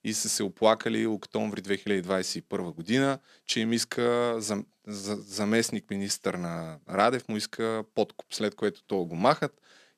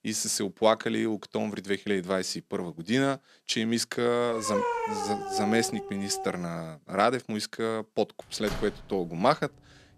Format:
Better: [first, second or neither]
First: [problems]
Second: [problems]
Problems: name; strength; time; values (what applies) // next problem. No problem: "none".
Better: first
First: none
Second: dog barking; loud; from 4.5 to 6.5 s; peak level with the speech // door banging; noticeable; at 8.5 s; peak 9 dB below the speech